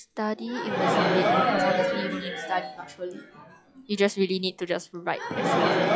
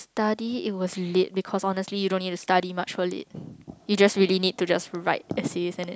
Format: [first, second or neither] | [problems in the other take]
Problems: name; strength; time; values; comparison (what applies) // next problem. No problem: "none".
second | noise reduction (classical method log-MMSE)